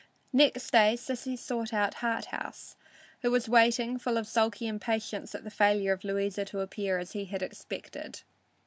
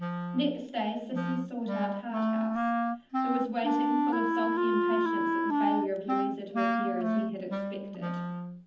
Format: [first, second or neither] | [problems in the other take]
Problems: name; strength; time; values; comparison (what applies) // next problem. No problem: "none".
first | background sound (Wind instrument, woodwind instrument); 5 dB above the speech // room echo; dies away in 0.8 s